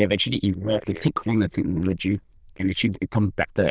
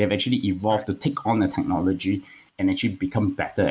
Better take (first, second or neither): second